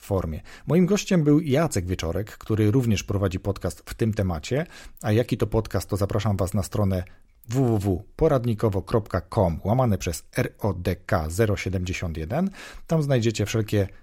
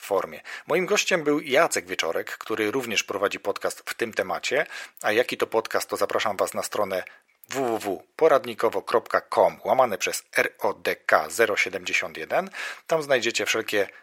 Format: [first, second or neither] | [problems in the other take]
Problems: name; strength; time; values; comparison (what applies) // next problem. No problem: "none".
first | thin; very; fading below 600 Hz